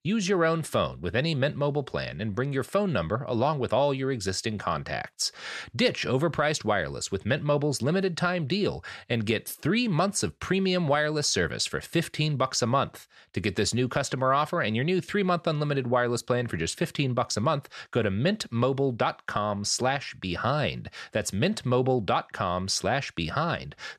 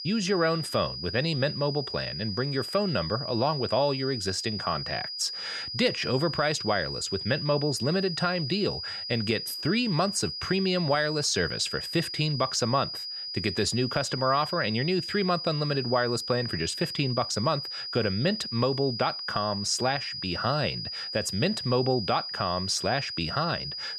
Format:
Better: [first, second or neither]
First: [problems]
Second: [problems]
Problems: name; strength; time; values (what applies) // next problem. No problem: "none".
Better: first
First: none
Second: high-pitched whine; loud; throughout; 5 kHz, 5 dB below the speech